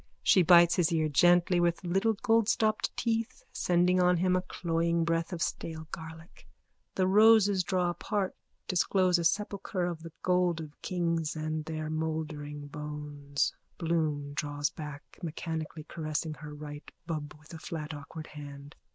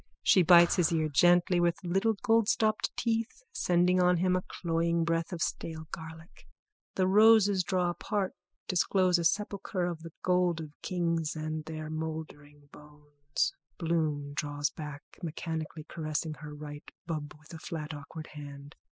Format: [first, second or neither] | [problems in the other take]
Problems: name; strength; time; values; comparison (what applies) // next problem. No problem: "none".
first | noise reduction (classical method spectral subtraction)